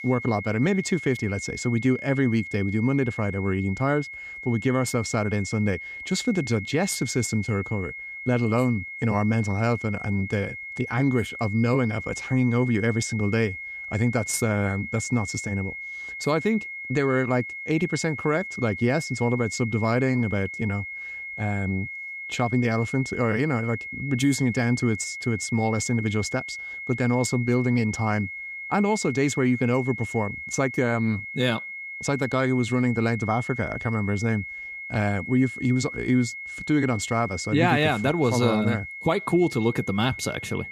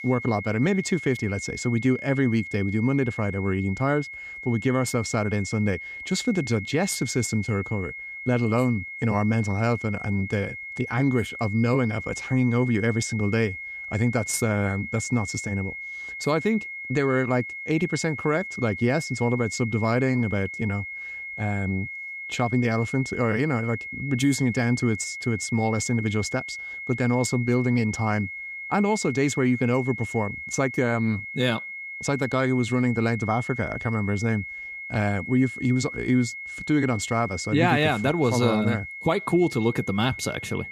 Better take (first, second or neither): neither